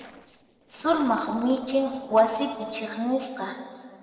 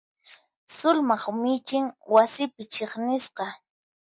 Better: second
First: noise reduction (neural separator model SepFormer DNS4)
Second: none

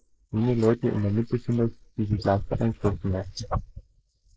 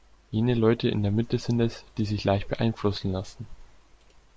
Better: second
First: noise reduction (neural mask model Resemble Enhance denoiser)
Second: none

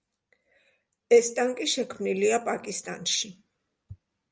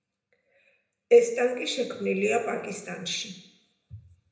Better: first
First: none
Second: room echo; dies away in 0.8 s

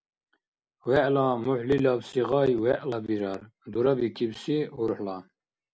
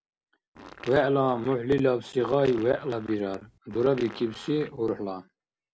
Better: first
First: none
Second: background sound (Fart); 20 dB below the speech

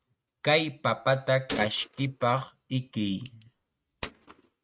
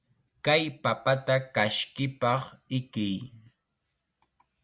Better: second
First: noise reduction (neural mask model RNNoise)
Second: none

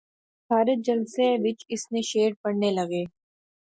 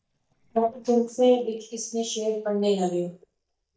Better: first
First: none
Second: noise reduction (neural mask model DeepFilterNet 3)

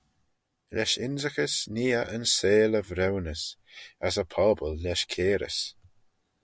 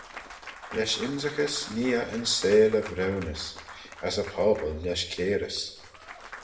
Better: first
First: none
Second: background sound (Applause / Cheering / Clapping); 16 dB below the speech // room echo; dies away in 0.7 s

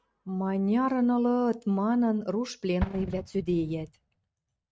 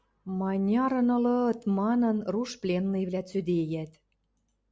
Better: second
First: noise reduction (neural mask model RNNoise)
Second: none

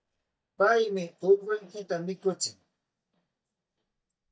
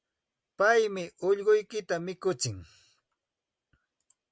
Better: second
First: noise reduction (neural mask model DeepFilterNet 3)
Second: none

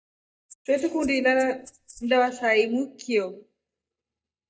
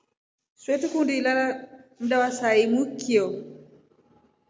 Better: second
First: noise reduction (neural mask model DeepFilterNet 3)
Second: none

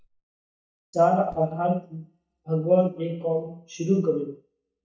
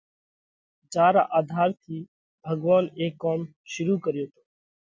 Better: second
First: noise reduction (neural mask model DeepFilterNet 3)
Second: none

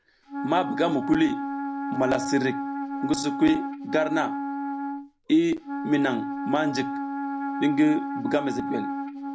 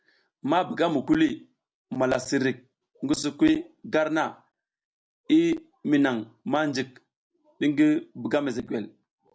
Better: second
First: background sound (Wind instrument, woodwind instrument); 5 dB below the speech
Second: none

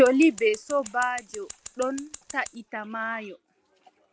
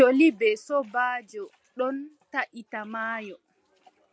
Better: second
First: background sound (Scissors); 17 dB below the speech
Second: none

